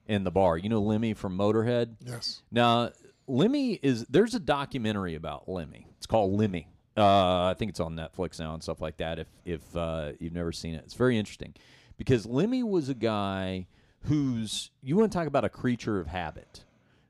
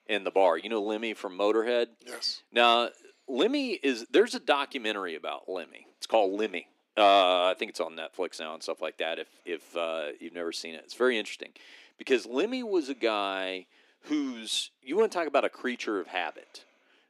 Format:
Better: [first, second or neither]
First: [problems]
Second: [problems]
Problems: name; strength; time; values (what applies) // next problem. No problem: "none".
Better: first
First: none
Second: thin; somewhat; fading below 300 Hz